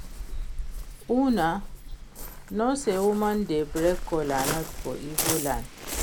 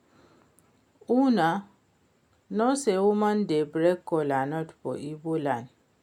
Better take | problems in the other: second | background sound (Waves, surf); 5 dB below the speech

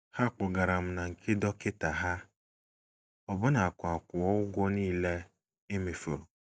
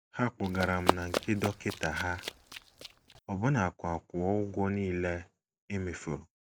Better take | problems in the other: first | background sound (Run); 3 dB below the speech

